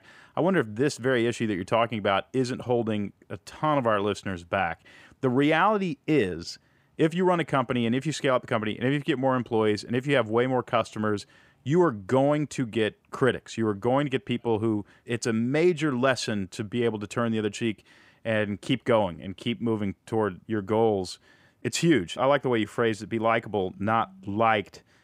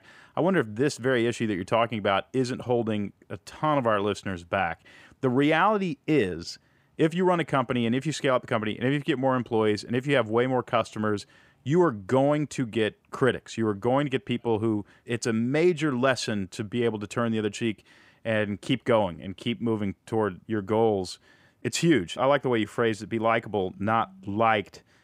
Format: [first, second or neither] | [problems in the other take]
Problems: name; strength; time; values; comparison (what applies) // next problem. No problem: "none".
neither | none